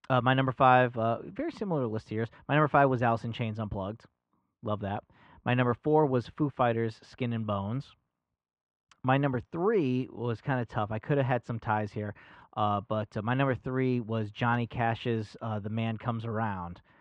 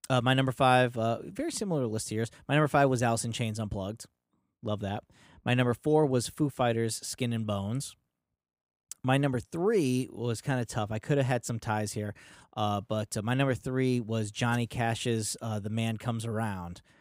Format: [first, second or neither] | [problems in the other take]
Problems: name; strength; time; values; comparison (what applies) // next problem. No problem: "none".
second | muffled; very; fading above 3 kHz